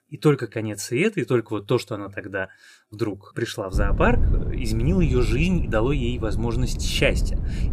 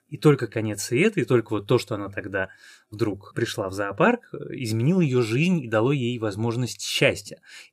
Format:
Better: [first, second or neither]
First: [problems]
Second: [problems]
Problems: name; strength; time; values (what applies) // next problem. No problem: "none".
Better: second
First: wind noise on the microphone; occasional gusts; from 3.5 s on; 15 dB below the speech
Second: none